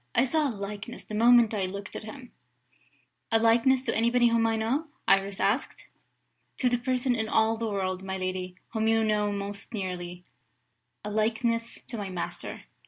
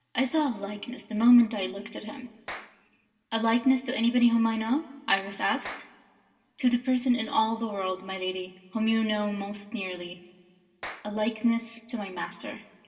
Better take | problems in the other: first | background sound (Clapping); 19 dB below the speech // room echo; dies away in 1.7 s

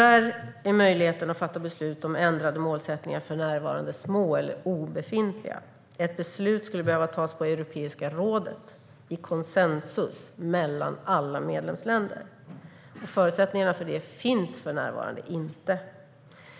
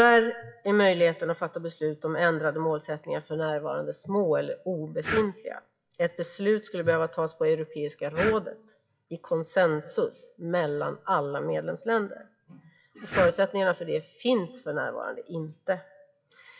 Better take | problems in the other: first | noise reduction (classical method WPE with log-MMSE)

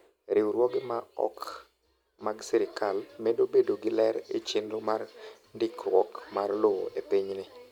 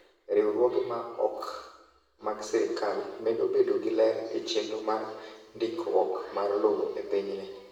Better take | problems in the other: first | room echo; dies away in 0.9 s

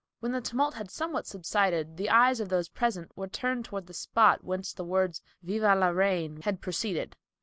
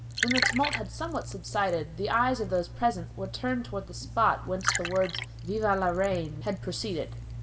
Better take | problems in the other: first | background sound (Liquid); 6 dB below the speech // room echo; dies away in 0.7 s

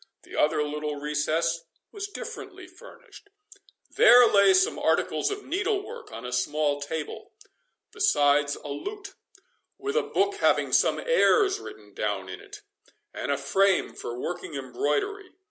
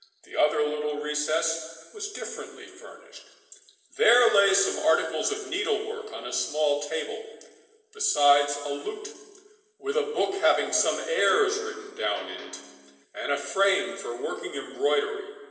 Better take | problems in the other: first | background sound (Electric guitar); 20 dB below the speech // room echo; dies away in 1.4 s

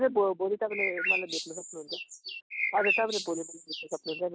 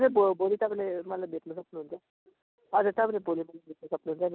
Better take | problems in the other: second | background sound (Bird); 2 dB below the speech

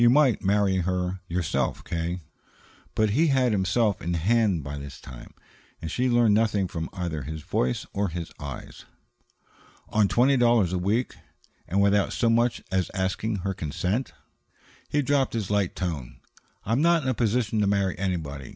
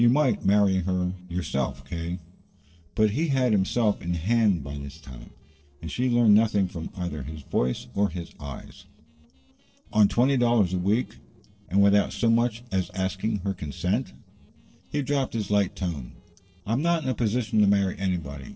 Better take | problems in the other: first | noise reduction (neural separator model SepFormer DNS4)

